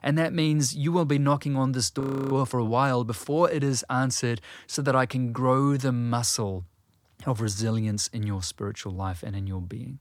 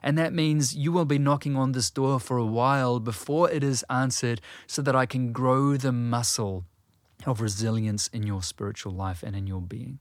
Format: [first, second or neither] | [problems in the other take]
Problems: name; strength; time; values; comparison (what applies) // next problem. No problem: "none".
second | audio freezing; at 2 s